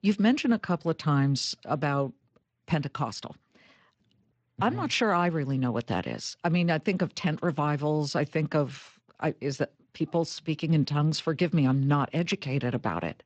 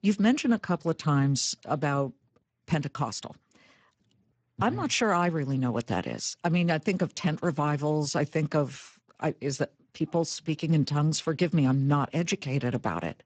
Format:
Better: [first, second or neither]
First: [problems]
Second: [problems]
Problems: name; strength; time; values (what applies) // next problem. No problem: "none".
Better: first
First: garbled, watery; slightly; nothing above 8 kHz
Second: garbled, watery; badly; nothing above 7.5 kHz